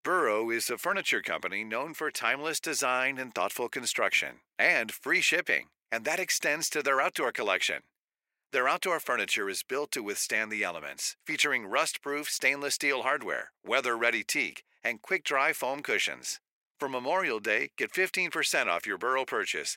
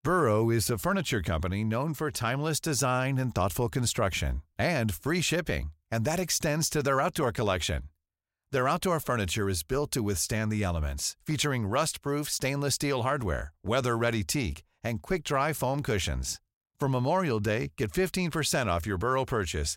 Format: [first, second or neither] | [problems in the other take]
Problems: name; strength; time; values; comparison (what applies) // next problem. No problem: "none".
second | thin; very; fading below 350 Hz